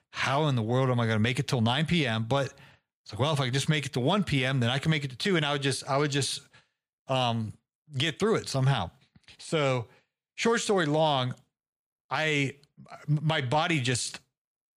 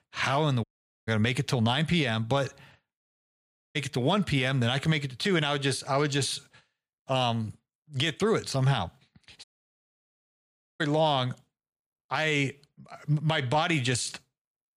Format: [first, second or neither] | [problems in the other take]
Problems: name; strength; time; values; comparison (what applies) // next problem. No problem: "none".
first | audio cutting out; at 0.5 s, at 3 s for 1 s and at 9.5 s for 1.5 s